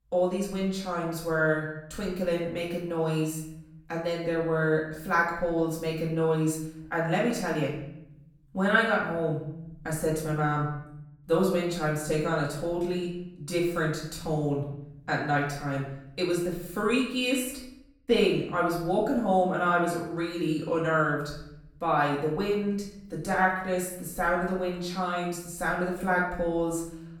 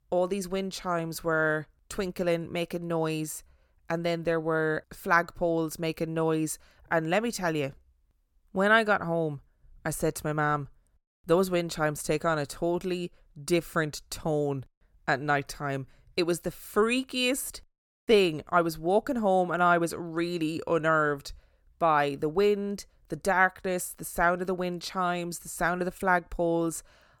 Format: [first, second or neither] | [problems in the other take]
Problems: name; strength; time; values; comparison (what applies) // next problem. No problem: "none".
second | room echo; noticeable; dies away in 0.7 s // off-mic speech; far